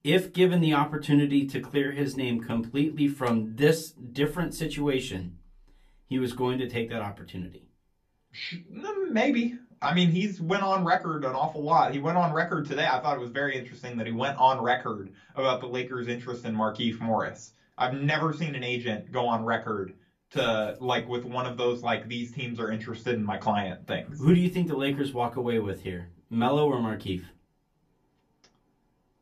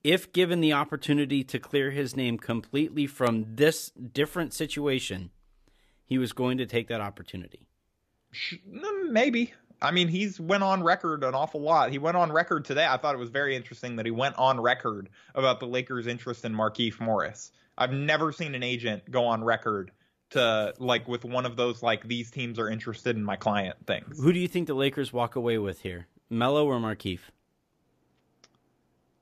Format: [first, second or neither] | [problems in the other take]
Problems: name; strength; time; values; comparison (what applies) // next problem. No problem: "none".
second | off-mic speech; far // room echo; very slight; dies away in 0.2 s